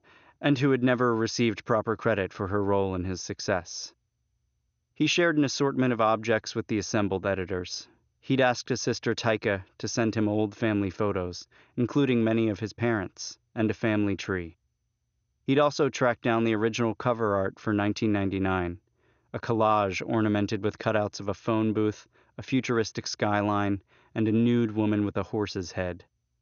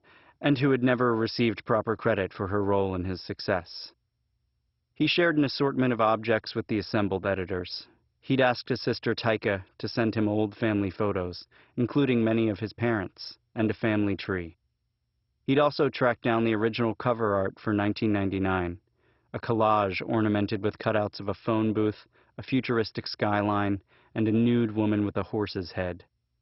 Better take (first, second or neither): first